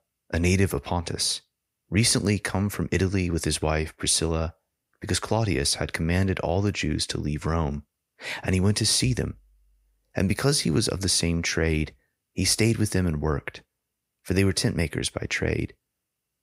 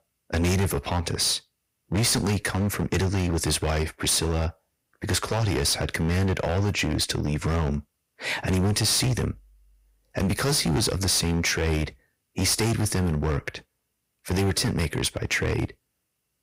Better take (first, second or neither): first